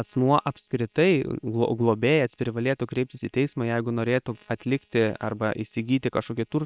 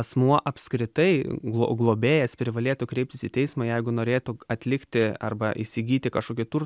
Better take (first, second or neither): second